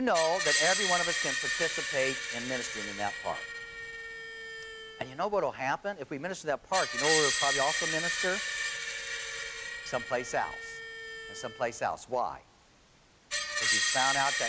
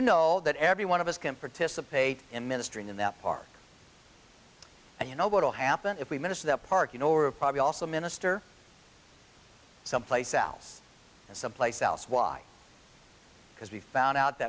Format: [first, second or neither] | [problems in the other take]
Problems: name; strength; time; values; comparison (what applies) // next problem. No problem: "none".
second | background sound (Screech); as loud as the speech